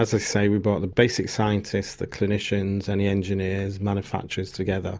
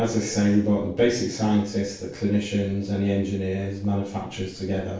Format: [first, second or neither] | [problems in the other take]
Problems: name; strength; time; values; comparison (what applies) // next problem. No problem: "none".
first | noise reduction (neural separator model SepFormer DNS4)